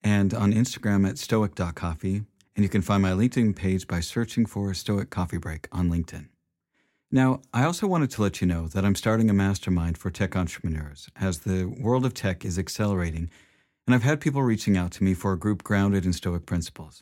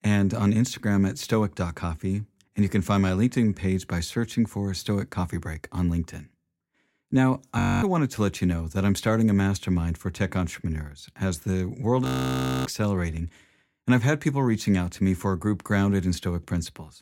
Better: first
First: none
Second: audio freezing; at 7.5 s and at 12 s for 0.5 s

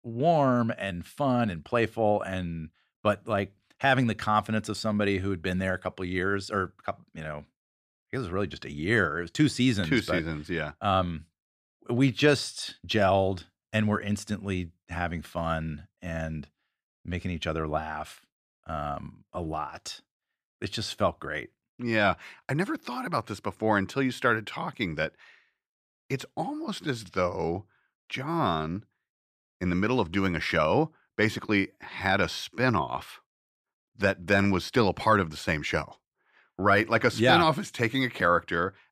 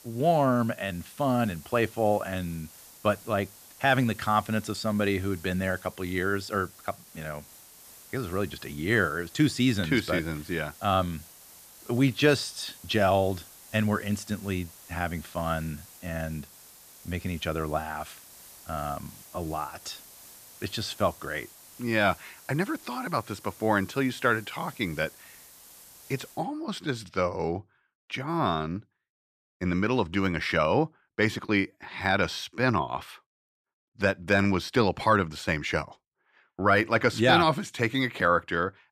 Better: first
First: none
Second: hiss; noticeable; until 26 s; 20 dB below the speech

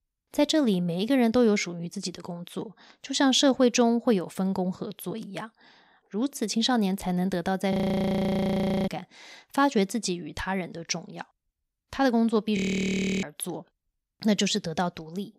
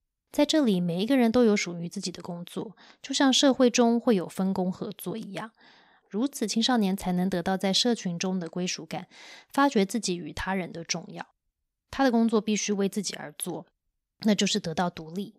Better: second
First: audio freezing; at 7.5 s for 1 s and at 13 s for 0.5 s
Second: none

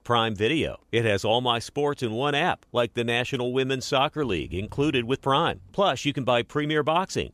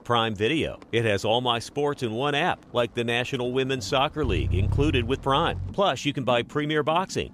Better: first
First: traffic noise; faint; throughout; 25 dB below the speech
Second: traffic noise; loud; throughout; 7 dB below the speech

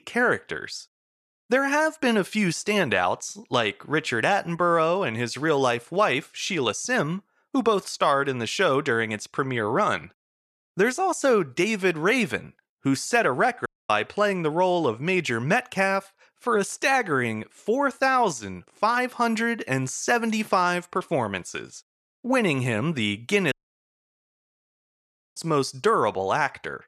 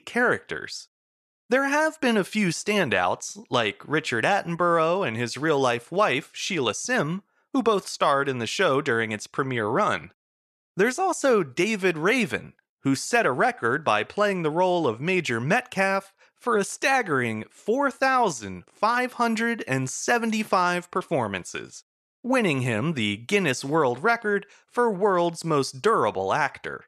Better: second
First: audio cutting out; at 14 s and at 24 s for 2 s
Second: none

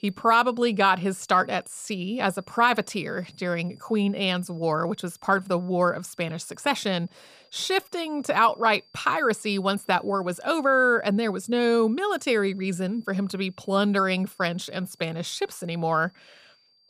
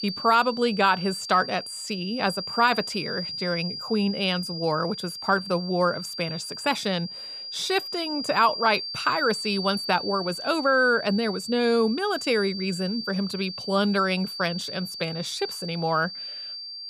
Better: first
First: high-pitched whine; faint; throughout; 4.5 kHz, 35 dB below the speech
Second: high-pitched whine; loud; throughout; 4.5 kHz, 7 dB below the speech

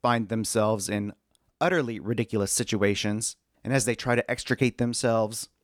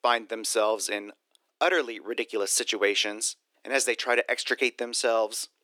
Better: first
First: none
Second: thin; very; fading below 350 Hz

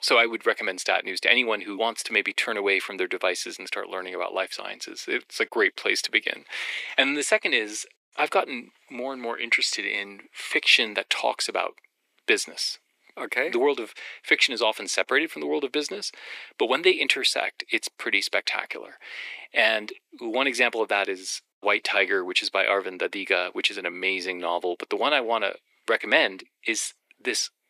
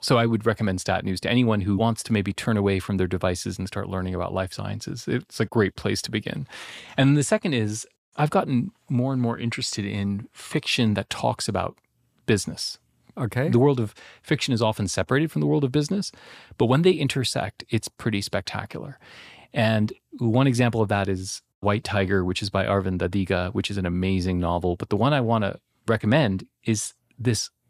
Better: second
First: thin; very; fading below 350 Hz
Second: none

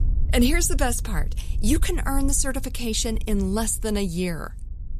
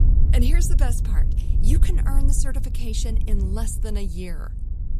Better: first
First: wind noise on the microphone; occasional gusts; 25 dB below the speech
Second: wind noise on the microphone; heavy; 7 dB below the speech

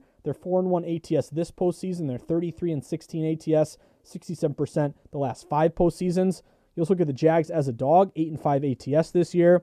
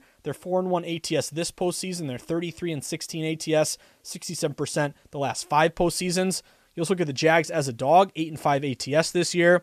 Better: second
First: muffled; slightly; fading above 1 kHz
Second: none

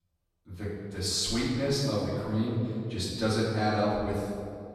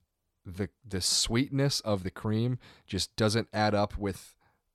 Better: second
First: room echo; strong; dies away in 1.9 s // off-mic speech; far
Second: none

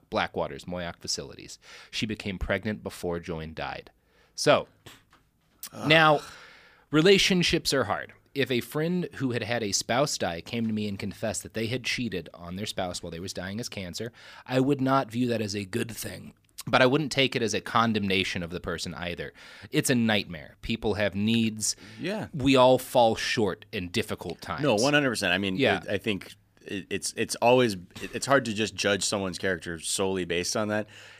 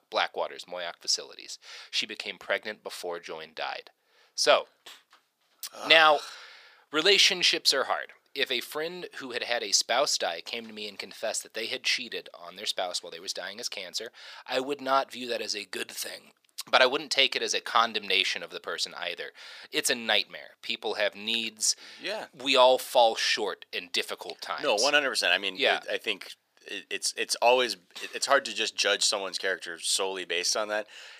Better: first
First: none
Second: thin; very; fading below 600 Hz

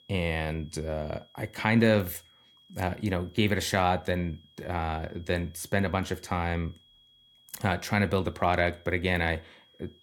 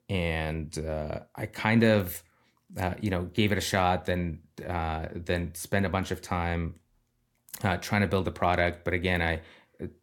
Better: second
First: high-pitched whine; faint; throughout; 3.5 kHz, 30 dB below the speech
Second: none

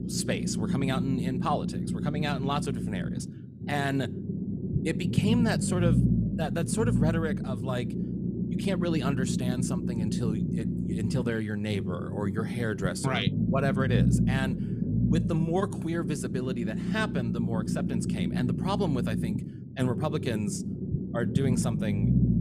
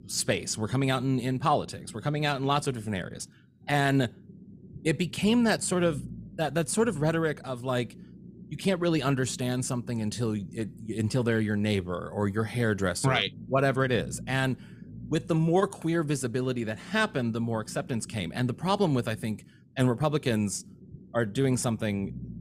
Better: second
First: low rumble; loud; throughout; 4 dB below the speech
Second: low rumble; faint; throughout; 25 dB below the speech

